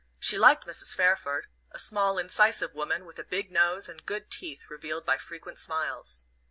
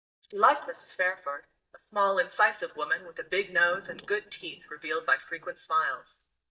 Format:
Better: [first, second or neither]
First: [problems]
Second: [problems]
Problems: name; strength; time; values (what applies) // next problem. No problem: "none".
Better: first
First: none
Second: noise reduction (neural mask model DeepFilterNet 3)